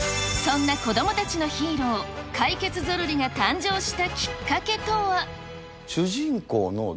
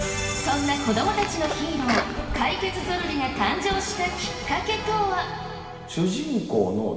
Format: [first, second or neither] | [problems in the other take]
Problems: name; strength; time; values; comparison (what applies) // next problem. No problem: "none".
first | background sound (Sneeze); 8 dB below the speech // room echo; dies away in 2.2 s